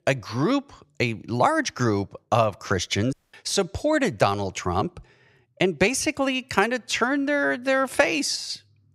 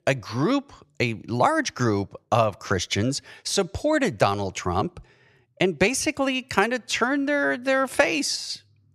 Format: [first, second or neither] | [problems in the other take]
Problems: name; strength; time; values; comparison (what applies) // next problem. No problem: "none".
second | audio cutting out; at 3 s